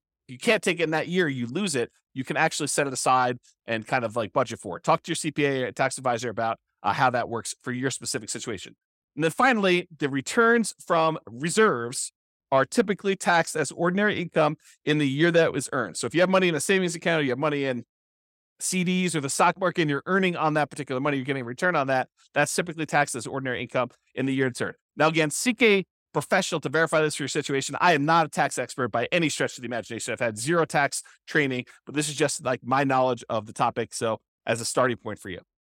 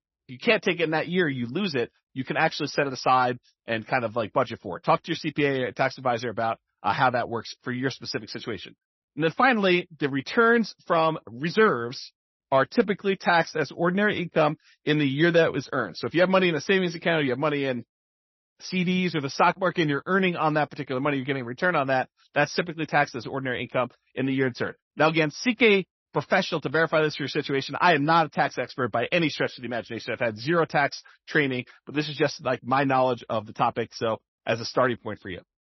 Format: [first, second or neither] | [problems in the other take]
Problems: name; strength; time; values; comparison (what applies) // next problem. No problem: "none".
first | garbled, watery; slightly; nothing above 6 kHz